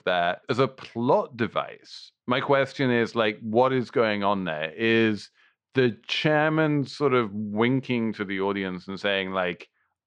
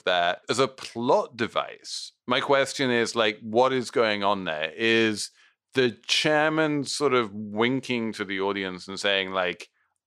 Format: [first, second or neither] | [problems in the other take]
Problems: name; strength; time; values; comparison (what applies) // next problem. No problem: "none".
second | muffled; slightly; fading above 3 kHz